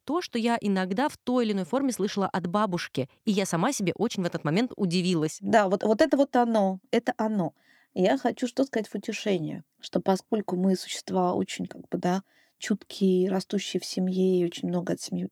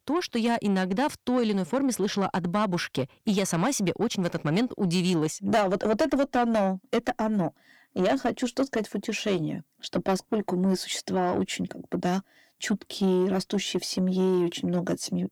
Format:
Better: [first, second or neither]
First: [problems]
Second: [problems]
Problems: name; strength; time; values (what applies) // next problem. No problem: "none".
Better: first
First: none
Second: distortion; slight; 10 dB below the speech